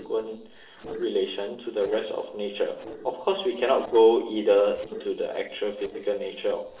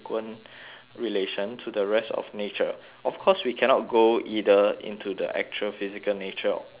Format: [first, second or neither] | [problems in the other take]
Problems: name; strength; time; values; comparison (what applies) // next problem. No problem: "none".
second | noise reduction (neural separator model SepFormer DNS4)